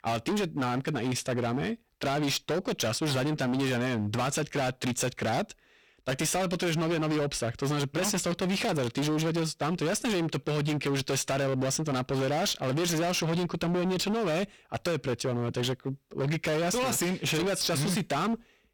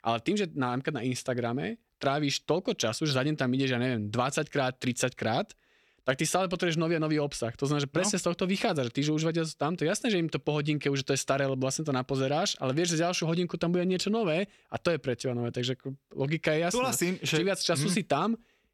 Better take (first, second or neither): second